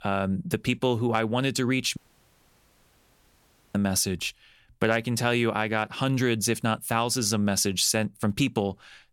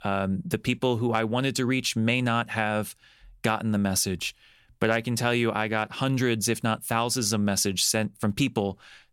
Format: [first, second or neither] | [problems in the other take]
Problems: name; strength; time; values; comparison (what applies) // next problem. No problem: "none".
second | audio cutting out; at 2 s for 2 s